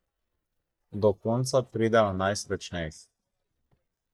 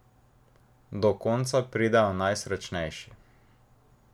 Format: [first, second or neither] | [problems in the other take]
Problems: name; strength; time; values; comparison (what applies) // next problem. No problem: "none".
second | noise reduction (neural mask model DeepFilterNet 3)